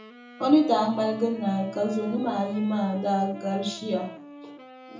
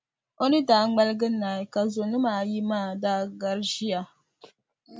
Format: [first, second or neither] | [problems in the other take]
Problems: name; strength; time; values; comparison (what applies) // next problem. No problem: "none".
second | background sound (Wind instrument, woodwind instrument); 17 dB below the speech // room echo; dies away in 0.6 s